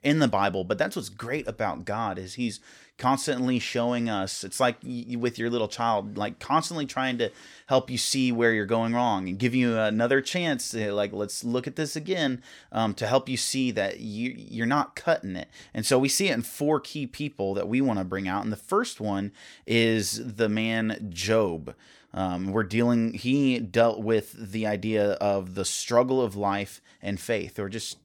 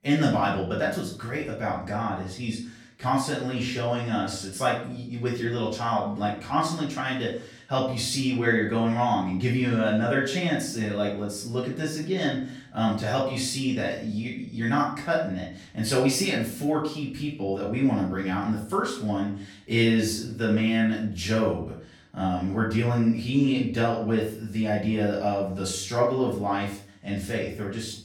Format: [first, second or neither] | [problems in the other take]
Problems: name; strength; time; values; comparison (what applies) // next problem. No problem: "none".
first | room echo; noticeable; dies away in 0.5 s // off-mic speech; far